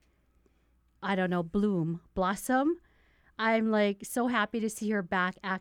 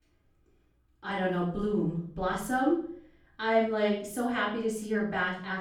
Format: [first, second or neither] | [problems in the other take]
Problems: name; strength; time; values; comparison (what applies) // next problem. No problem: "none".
first | off-mic speech; far // room echo; noticeable; dies away in 0.5 s